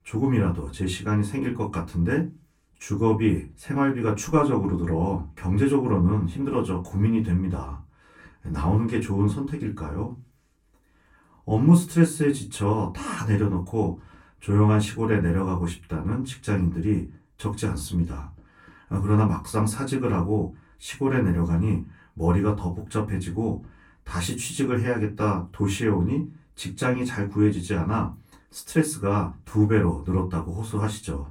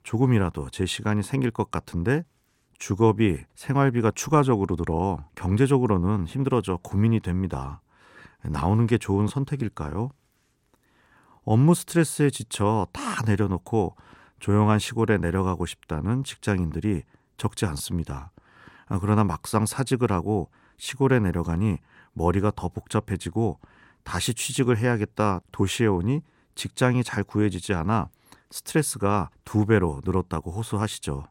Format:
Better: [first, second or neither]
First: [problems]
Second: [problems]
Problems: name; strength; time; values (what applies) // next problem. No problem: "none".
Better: second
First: off-mic speech; far // room echo; very slight; dies away in 0.2 s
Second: none